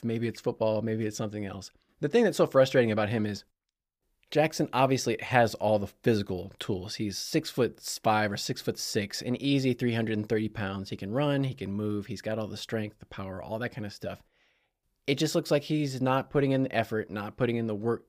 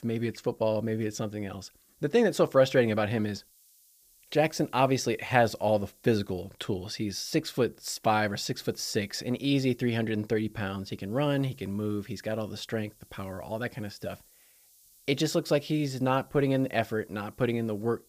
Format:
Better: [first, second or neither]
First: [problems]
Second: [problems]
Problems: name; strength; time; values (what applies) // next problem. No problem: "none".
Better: first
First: none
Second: hiss; faint; throughout; 30 dB below the speech